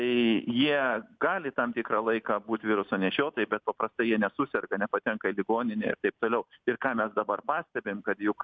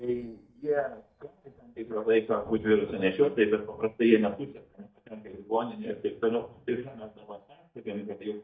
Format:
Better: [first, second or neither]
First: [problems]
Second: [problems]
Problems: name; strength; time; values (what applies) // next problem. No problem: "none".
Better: first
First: none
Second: noise reduction (neural mask model DeepFilterNet 3)